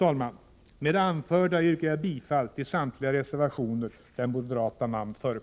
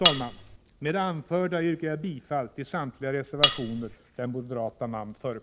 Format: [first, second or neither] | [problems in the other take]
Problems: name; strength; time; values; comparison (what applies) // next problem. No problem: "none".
first | background sound (Cutlery, silverware); 4 dB above the speech